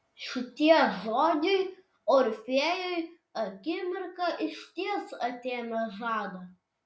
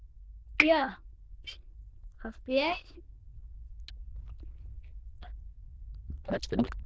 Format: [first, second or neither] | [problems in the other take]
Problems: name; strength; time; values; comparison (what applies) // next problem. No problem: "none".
first | noise reduction (neural diffusion model UNIVERSE++)